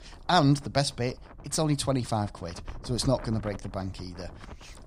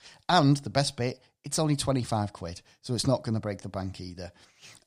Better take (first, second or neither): second